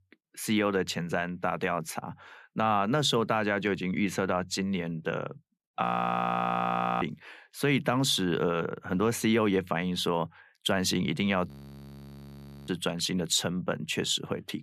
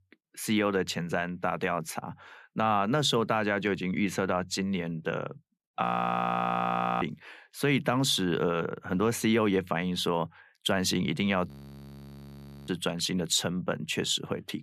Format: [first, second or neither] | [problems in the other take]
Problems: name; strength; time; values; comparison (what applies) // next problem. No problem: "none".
neither | audio freezing; at 6 s for 1 s and at 11 s for 1 s; the same in both